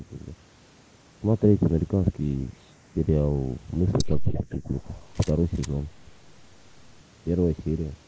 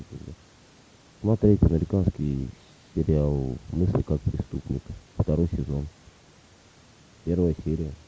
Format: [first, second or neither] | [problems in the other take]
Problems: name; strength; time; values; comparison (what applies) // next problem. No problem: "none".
second | noise reduction (neural mask model Resemble Enhance denoiser)